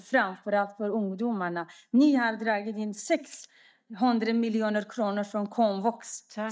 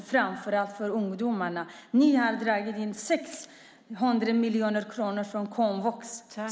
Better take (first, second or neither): second